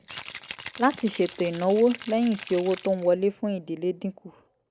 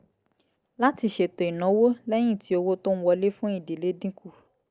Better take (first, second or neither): second